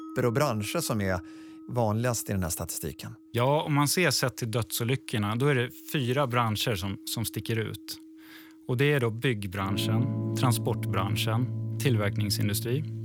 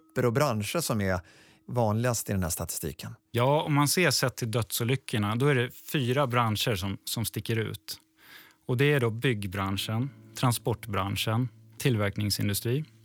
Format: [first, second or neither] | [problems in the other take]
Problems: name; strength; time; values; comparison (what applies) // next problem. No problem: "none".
second | background music; loud; throughout; 7 dB below the speech; faint in the second